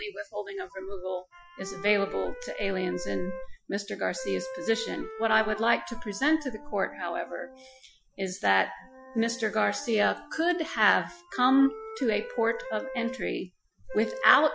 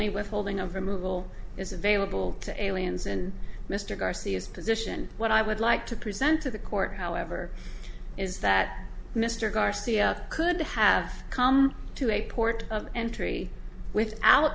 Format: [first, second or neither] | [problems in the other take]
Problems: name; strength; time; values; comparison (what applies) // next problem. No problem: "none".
second | noise reduction (classical method Wiener filter)